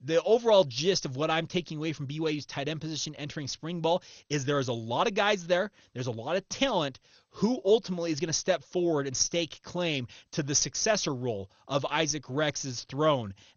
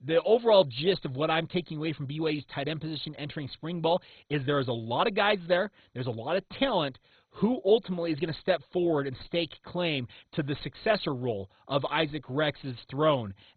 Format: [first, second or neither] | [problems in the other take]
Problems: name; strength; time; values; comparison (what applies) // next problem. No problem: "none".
first | garbled, watery; badly; nothing above 4 kHz; slightly in the first